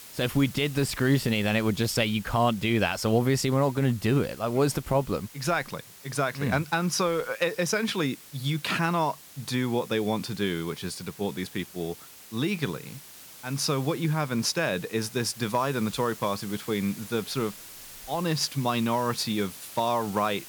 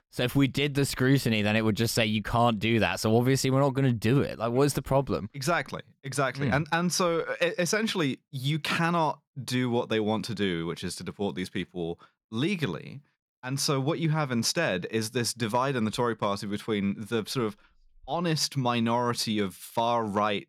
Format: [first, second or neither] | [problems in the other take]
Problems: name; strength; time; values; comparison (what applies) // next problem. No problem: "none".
second | hiss; noticeable; throughout; 15 dB below the speech